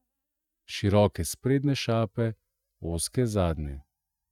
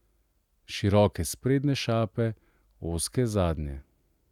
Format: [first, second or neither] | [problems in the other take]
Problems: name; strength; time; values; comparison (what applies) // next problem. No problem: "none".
second | noise reduction (neural mask model DeepFilterNet 3)